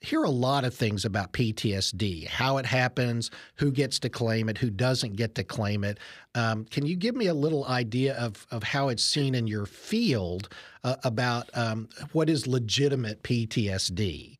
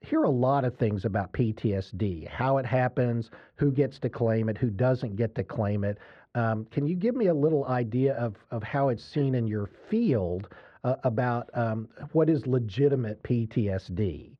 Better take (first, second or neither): first